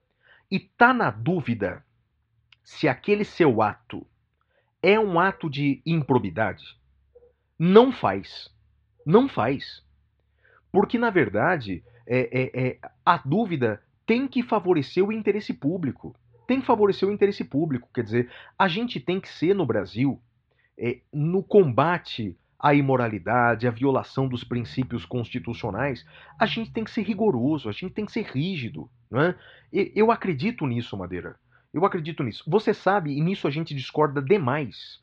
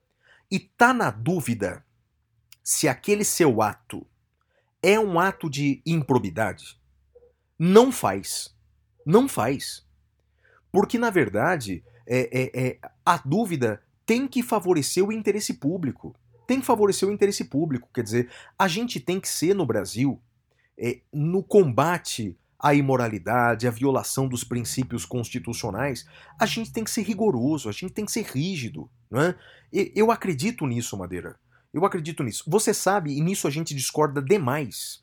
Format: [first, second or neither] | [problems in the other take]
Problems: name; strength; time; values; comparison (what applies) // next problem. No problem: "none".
second | muffled; slightly; fading above 4 kHz